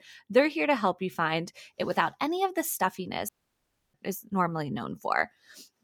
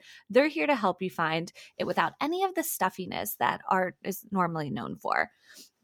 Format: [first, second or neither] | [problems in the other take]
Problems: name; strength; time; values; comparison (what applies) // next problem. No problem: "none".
second | audio cutting out; at 3.5 s for 0.5 s